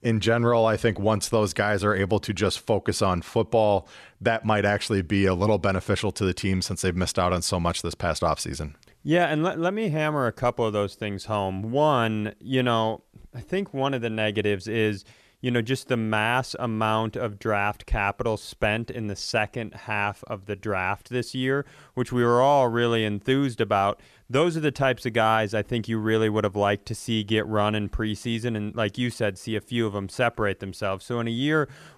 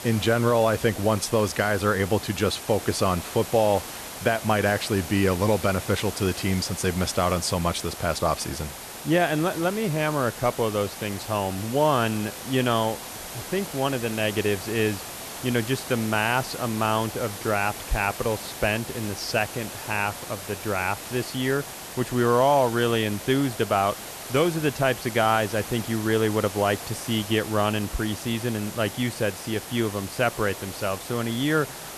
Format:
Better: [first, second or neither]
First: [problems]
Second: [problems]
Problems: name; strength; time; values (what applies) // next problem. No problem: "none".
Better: first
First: none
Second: hiss; noticeable; throughout; 10 dB below the speech